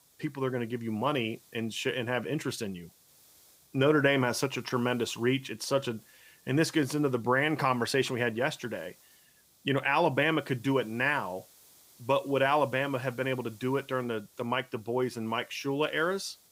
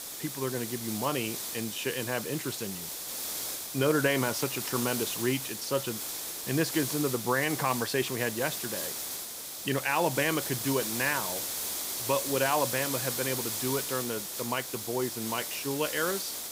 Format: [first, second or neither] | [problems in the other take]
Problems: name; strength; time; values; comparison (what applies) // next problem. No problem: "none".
first | hiss; loud; throughout; 2 dB below the speech; faint in the first